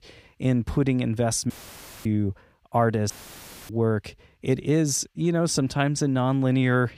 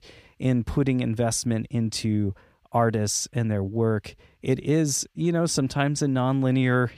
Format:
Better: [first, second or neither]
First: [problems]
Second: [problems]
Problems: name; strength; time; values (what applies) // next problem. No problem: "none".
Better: second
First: audio cutting out; filled with static; at 1.5 s for 0.5 s and at 3 s for 0.5 s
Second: none